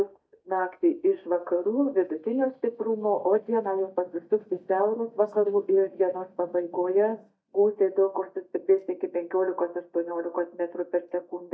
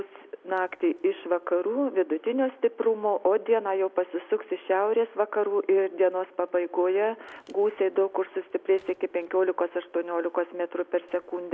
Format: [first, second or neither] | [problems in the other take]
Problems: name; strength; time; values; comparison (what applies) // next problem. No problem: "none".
second | noise reduction (neural mask model DeepFilterNet 3)